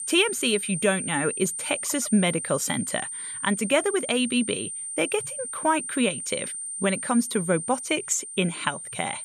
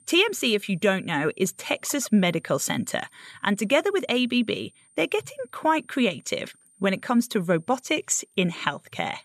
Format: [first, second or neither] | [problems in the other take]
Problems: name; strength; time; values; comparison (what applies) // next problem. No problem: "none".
second | high-pitched whine; loud; throughout; 9 kHz, 5 dB below the speech; faint in the second